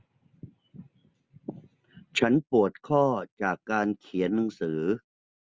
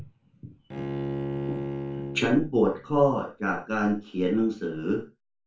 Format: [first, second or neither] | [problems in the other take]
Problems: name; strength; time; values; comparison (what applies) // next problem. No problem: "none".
first | background sound (Bowed string instrument); 7 dB below the speech // room echo; dies away in 0.3 s